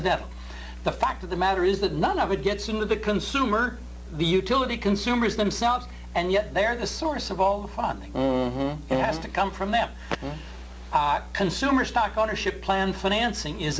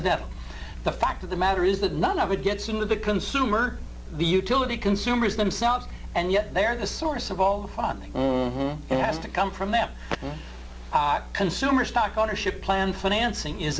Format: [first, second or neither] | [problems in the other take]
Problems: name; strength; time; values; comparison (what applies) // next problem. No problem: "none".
first | background sound (Livestock, farm animals, working animals); 16 dB below the speech